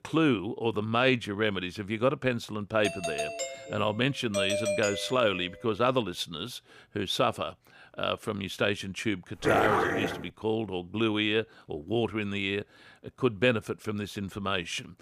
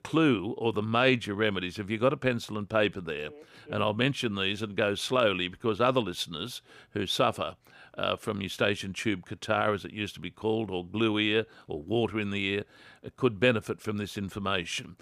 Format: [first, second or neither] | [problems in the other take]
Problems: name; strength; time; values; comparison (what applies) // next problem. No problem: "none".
second | doorbell; noticeable; from 3 to 5 s; peak level with the speech // dog barking; loud; at 9.5 s; peak 4 dB above the speech